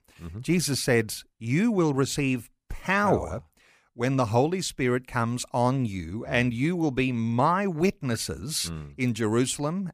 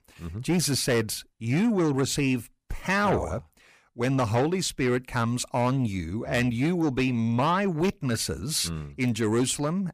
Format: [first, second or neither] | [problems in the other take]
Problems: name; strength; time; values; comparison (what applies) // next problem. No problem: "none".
first | distortion; slight; 10 dB below the speech